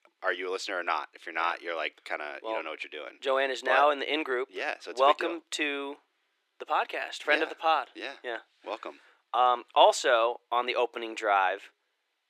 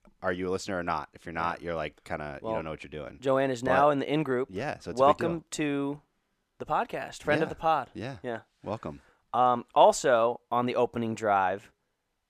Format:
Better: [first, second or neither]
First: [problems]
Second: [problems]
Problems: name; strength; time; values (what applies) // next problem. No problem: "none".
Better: second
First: thin; somewhat; fading below 350 Hz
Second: none